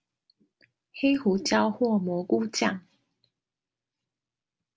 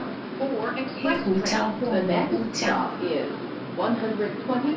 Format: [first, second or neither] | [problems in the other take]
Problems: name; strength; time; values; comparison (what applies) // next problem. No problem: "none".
first | background sound (Subway, metro, underground); 3 dB above the speech // room echo; dies away in 0.3 s